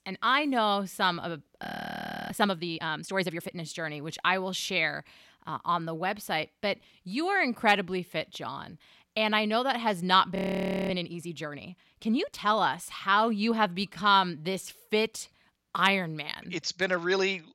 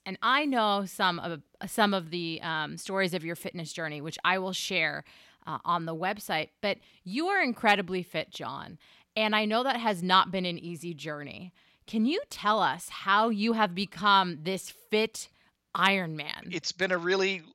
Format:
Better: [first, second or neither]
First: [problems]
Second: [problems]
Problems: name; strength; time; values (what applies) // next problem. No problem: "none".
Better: second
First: audio freezing; at 1.5 s for 0.5 s and at 10 s for 0.5 s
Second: none